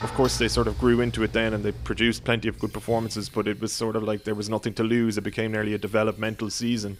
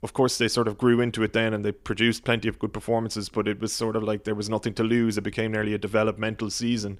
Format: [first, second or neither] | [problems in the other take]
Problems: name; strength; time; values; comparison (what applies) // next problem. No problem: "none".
second | rain or running water; noticeable; throughout; 10 dB below the speech